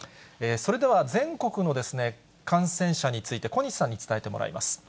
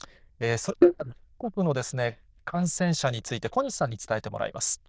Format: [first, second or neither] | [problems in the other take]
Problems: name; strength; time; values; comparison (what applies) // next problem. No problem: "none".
first | noise reduction (neural diffusion model UNIVERSE++)